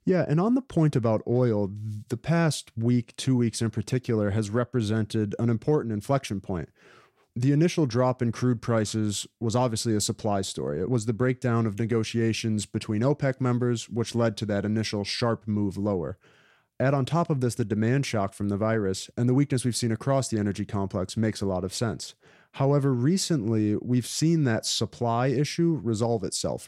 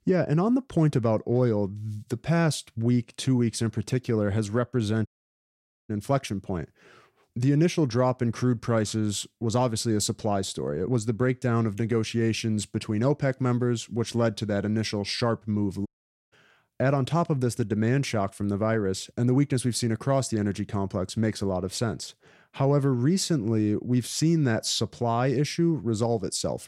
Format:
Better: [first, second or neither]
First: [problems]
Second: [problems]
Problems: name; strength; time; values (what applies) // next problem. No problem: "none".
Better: first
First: none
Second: audio cutting out; at 5 s for 1 s and at 16 s